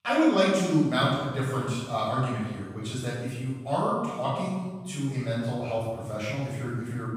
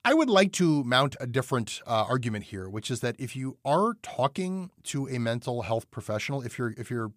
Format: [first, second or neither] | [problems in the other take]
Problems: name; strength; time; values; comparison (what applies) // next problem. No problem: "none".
second | off-mic speech; far // room echo; strong; dies away in 1.1 s